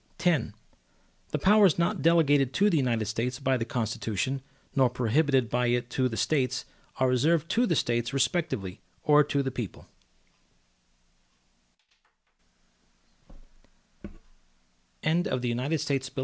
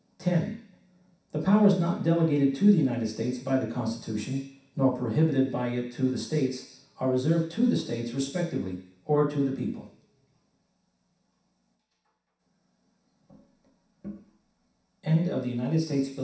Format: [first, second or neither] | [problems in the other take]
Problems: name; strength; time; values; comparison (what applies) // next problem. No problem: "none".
first | room echo; dies away in 0.7 s